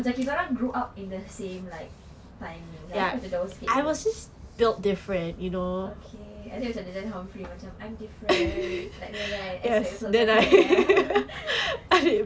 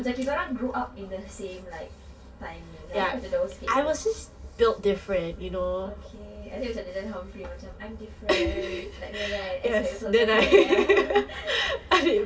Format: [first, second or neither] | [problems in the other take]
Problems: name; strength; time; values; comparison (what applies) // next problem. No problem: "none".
first | room echo; dies away in 0.1 s